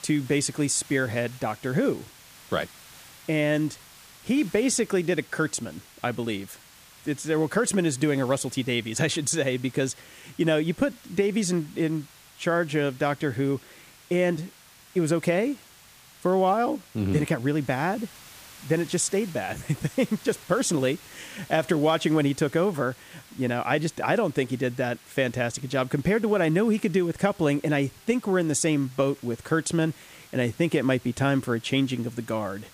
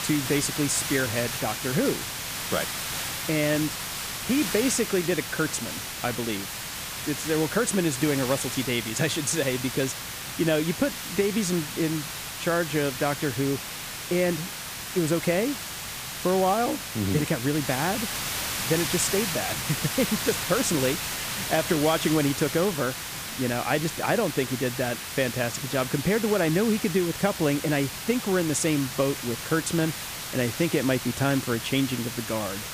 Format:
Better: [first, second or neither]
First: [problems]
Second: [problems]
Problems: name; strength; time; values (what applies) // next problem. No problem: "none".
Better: first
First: hiss; faint; throughout; 20 dB below the speech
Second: hiss; loud; throughout; 4 dB below the speech